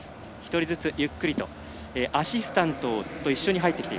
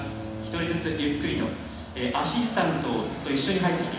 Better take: first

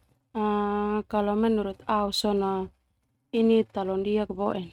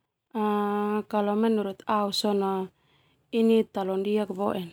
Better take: second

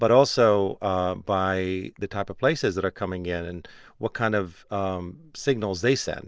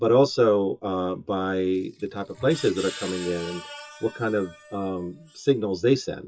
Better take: first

